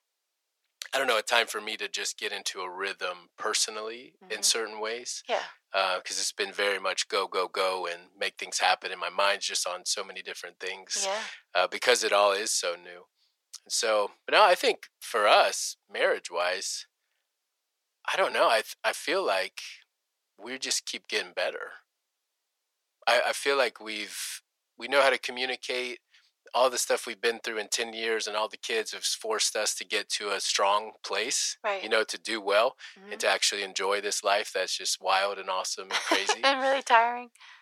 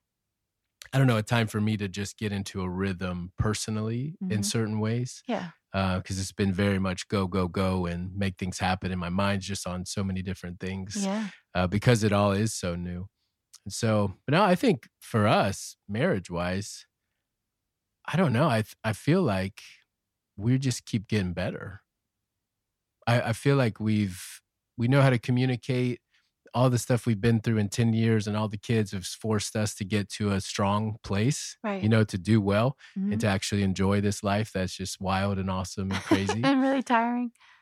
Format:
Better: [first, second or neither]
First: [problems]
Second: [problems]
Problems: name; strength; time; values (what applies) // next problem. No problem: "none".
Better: second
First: thin; very; fading below 450 Hz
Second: none